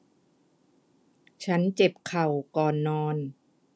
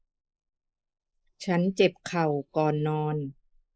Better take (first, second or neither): first